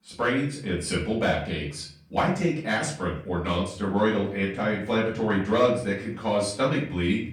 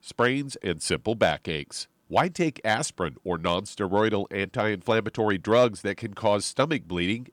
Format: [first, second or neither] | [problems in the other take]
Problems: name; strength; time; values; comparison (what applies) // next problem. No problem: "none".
second | off-mic speech; far // room echo; slight; dies away in 0.5 s